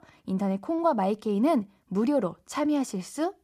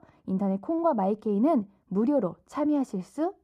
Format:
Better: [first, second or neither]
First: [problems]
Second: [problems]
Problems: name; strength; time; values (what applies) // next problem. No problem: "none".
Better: first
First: none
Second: muffled; slightly; fading above 1.5 kHz